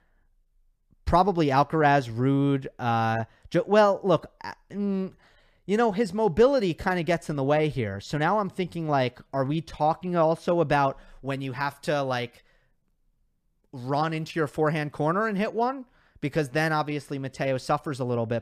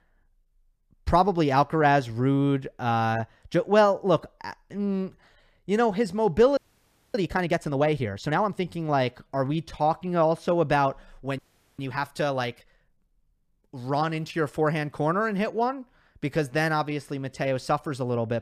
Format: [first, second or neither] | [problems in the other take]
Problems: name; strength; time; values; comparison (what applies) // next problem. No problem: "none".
first | audio freezing; at 6.5 s for 0.5 s and at 11 s